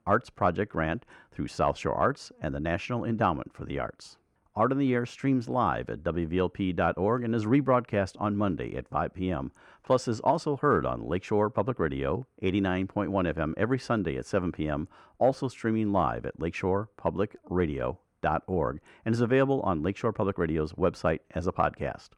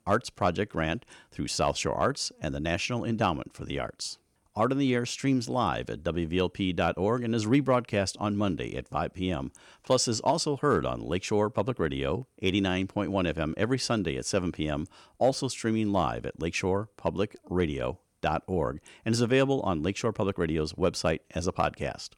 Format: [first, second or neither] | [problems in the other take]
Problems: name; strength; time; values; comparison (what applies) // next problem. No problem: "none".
second | muffled; slightly; fading above 2.5 kHz